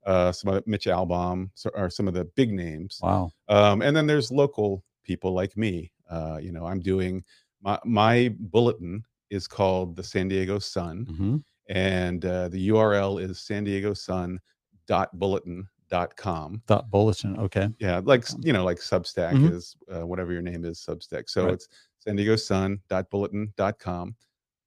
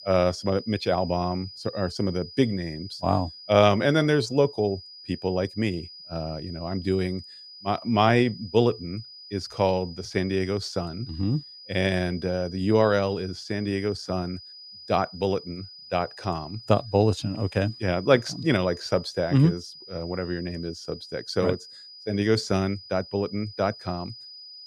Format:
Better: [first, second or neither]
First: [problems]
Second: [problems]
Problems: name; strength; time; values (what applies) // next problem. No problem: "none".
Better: first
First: none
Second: high-pitched whine; noticeable; throughout; 5 kHz, 15 dB below the speech